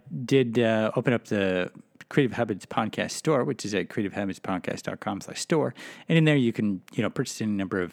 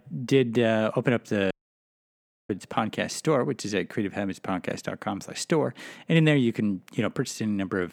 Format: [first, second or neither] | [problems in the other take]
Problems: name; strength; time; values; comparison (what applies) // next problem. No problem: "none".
first | audio cutting out; at 1.5 s for 1 s